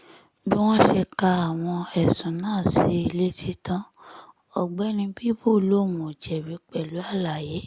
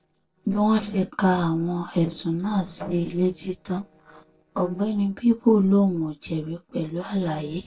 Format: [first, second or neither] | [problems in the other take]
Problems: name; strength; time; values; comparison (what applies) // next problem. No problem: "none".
first | noise reduction (neural separator model SepFormer DNS4)